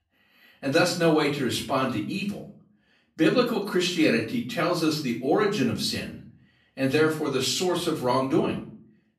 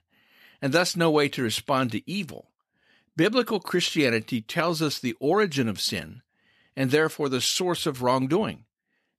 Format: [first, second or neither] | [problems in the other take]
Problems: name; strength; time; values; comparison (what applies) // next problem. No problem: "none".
second | off-mic speech; far // room echo; slight; dies away in 0.4 s